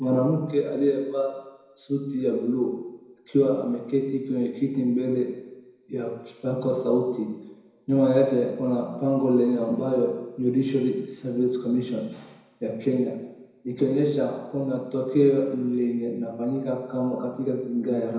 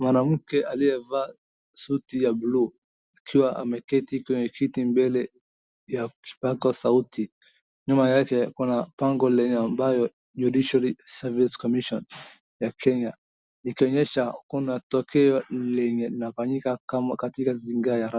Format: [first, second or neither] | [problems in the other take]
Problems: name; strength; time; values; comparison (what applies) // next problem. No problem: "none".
second | room echo; dies away in 1 s